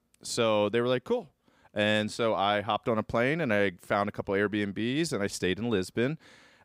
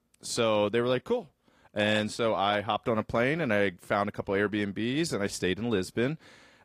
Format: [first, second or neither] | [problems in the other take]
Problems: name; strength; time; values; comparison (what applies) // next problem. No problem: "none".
first | garbled, watery; slightly; nothing above 15.5 kHz